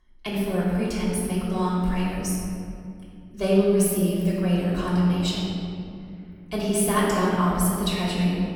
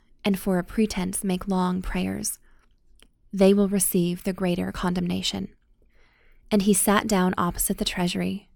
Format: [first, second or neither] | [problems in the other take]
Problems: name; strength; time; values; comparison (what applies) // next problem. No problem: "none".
second | room echo; strong; dies away in 2.4 s // off-mic speech; far